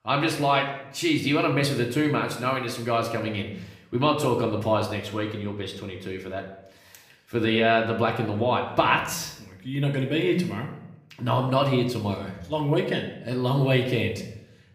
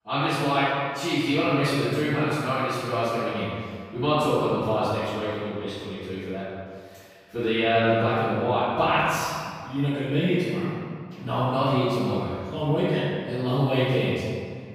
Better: first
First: room echo; slight; dies away in 0.7 s // off-mic speech; somewhat distant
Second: room echo; strong; dies away in 1.8 s // off-mic speech; far

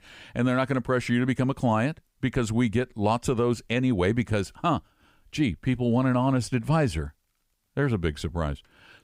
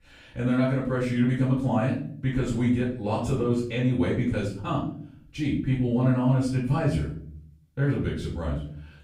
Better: first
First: none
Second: off-mic speech; far // room echo; noticeable; dies away in 0.6 s

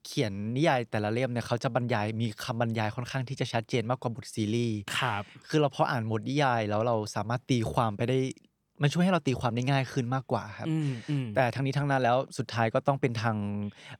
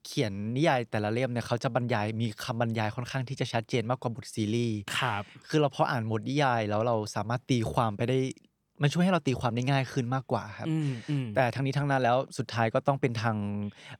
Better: neither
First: none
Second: none

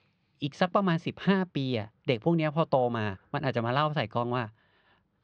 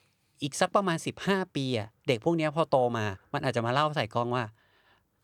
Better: second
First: muffled; very slightly; fading above 4 kHz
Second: none

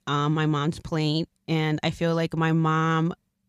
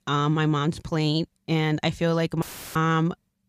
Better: first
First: none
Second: audio cutting out; filled with static; at 2.5 s

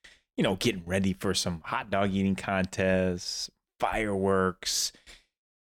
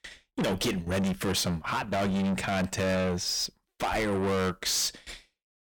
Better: first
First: none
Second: distortion; heavy; 6 dB below the speech

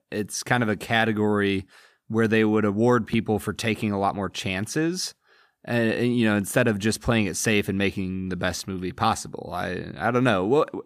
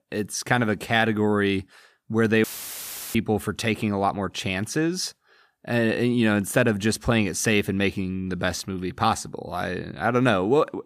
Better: first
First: none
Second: audio cutting out; filled with static; at 2.5 s for 0.5 s

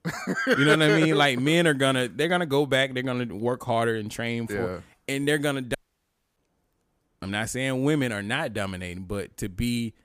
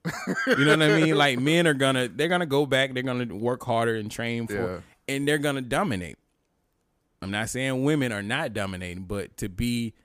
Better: second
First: audio cutting out; at 6 s for 0.5 s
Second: none

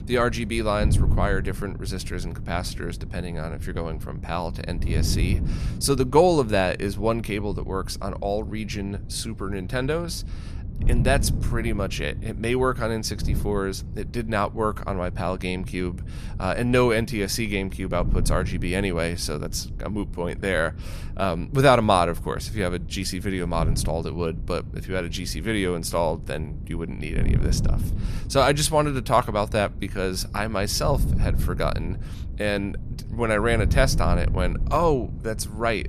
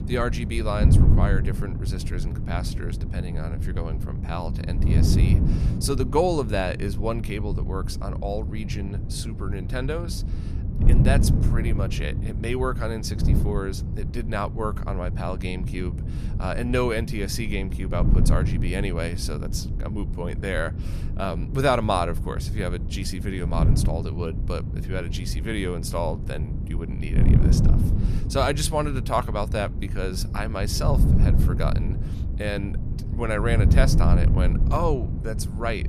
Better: first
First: wind noise on the microphone; occasional gusts; 20 dB below the speech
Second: wind noise on the microphone; heavy; 8 dB below the speech

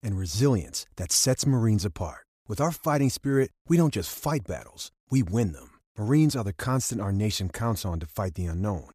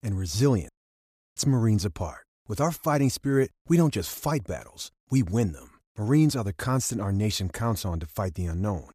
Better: first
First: none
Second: audio cutting out; at 0.5 s for 0.5 s

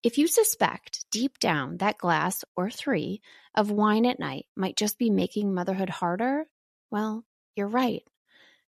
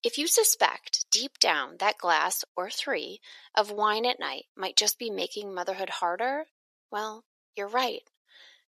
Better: first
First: none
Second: thin; very; fading below 450 Hz

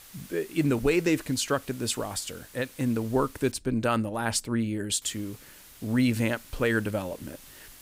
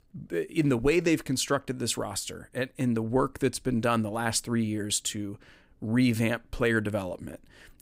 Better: second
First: hiss; faint; until 3.5 s and from 5 s on; 20 dB below the speech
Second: none

